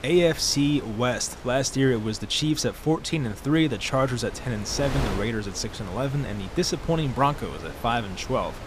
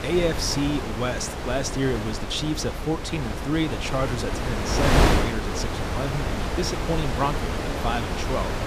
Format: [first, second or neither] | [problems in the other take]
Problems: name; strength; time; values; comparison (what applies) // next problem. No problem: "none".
first | wind noise on the microphone; heavy; as loud as the speech; occasional gusts in the first